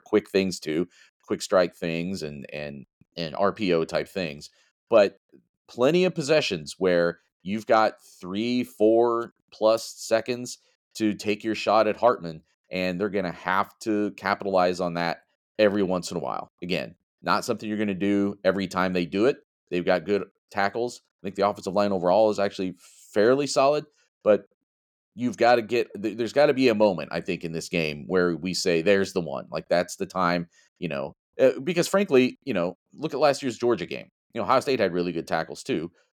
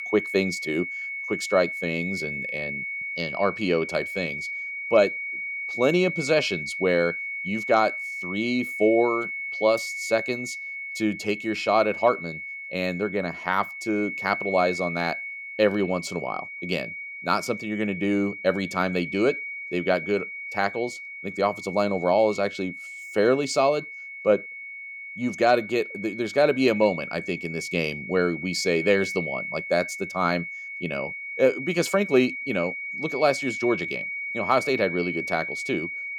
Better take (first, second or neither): first